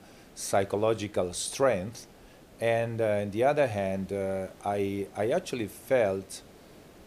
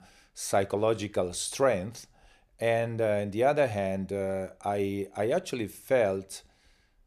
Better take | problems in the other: second | hiss; faint; throughout; 25 dB below the speech

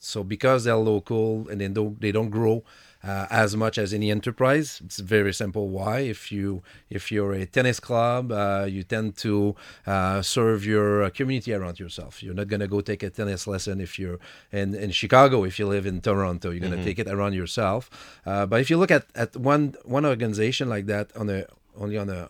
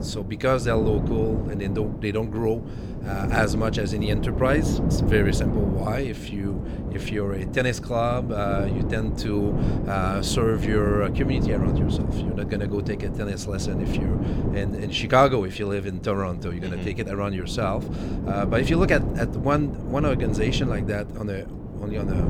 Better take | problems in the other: first | wind noise on the microphone; heavy; 8 dB below the speech

